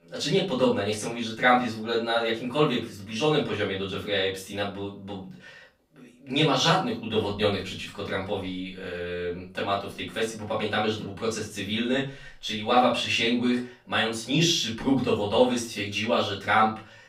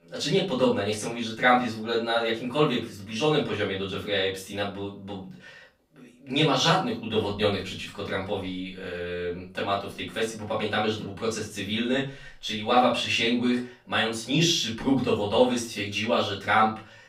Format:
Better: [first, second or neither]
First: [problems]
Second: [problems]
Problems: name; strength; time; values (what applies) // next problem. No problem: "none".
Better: neither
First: off-mic speech; far // room echo; slight; dies away in 0.3 s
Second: off-mic speech; far // room echo; slight; dies away in 0.3 s